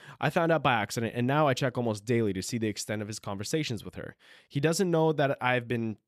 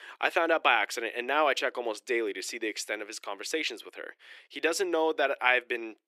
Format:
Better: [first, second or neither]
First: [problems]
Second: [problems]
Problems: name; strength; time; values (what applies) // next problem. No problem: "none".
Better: first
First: none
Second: thin; very; fading below 350 Hz